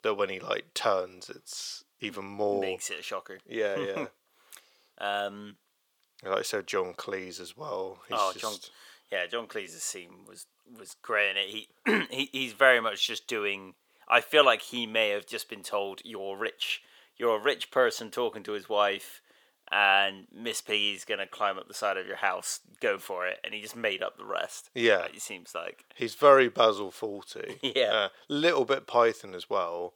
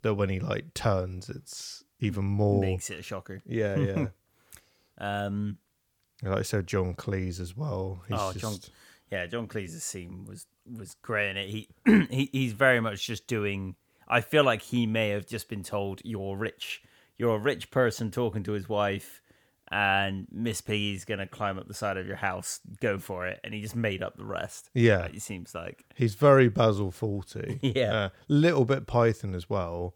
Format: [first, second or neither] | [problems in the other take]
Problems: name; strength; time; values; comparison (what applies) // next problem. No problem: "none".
second | thin; very; fading below 500 Hz